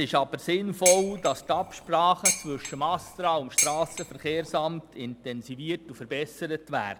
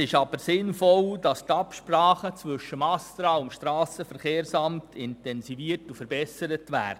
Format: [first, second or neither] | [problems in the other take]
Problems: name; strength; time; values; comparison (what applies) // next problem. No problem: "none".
second | background sound (Dishes, pots, and pans); 3 dB below the speech